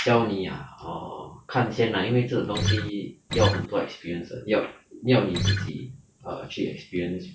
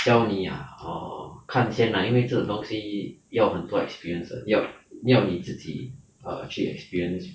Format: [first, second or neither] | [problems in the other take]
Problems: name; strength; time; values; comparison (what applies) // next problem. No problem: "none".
second | background sound (Acoustic guitar); 3 dB above the speech